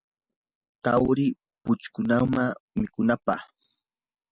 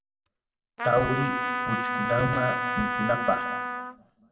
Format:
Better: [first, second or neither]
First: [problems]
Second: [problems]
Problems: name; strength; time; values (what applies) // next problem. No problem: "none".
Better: first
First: none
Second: background sound (Trumpet); as loud as the speech // room echo; dies away in 1.4 s